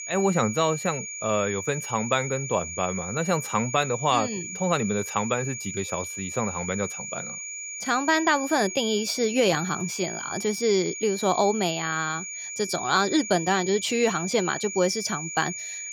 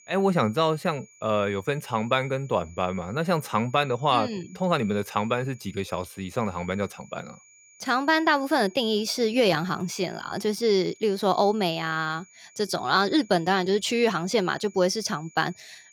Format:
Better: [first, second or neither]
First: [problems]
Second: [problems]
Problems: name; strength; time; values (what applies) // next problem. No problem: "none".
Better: second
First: high-pitched whine; loud; throughout; 7 kHz, 7 dB below the speech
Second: high-pitched whine; faint; throughout; 7 kHz, 25 dB below the speech